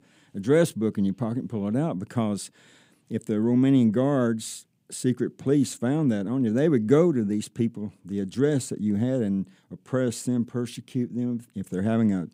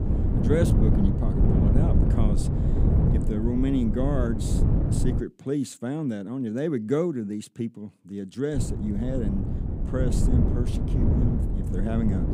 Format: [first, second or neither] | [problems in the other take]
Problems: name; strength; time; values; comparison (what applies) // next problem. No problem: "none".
first | wind noise on the microphone; heavy; until 5 s and from 8.5 s on; 2 dB below the speech